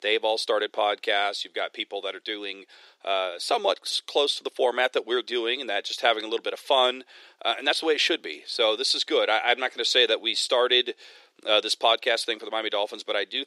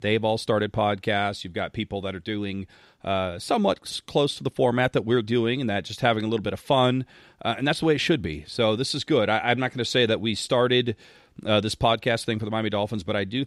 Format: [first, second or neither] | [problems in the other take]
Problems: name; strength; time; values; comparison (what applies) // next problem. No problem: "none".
second | thin; very; fading below 350 Hz